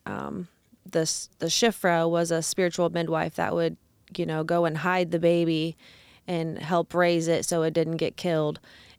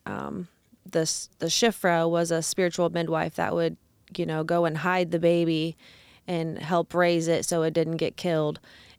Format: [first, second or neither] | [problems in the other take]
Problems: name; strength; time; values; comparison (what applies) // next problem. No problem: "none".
neither | none